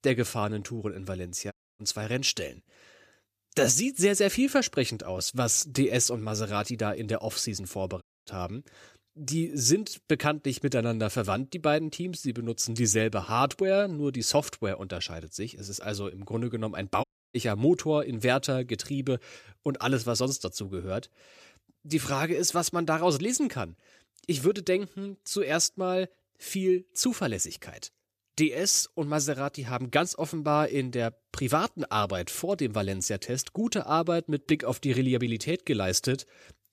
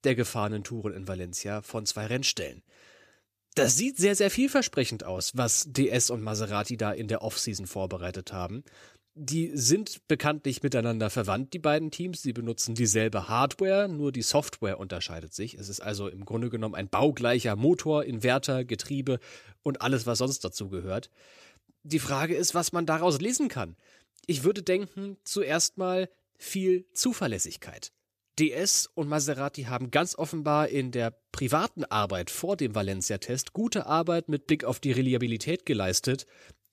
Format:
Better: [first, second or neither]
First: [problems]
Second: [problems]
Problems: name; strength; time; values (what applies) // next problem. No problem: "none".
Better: second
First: audio cutting out; at 1.5 s, at 8 s and at 17 s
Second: none